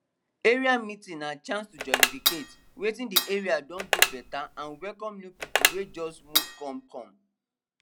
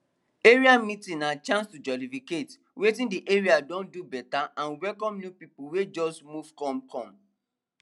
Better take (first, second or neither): second